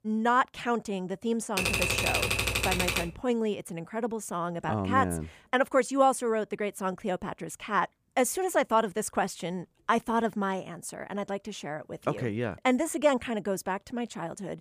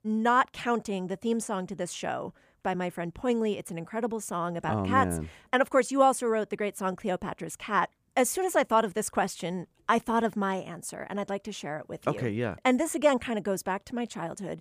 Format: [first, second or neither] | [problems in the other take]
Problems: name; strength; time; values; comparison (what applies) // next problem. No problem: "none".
second | keyboard typing; loud; from 1.5 to 3 s; peak 4 dB above the speech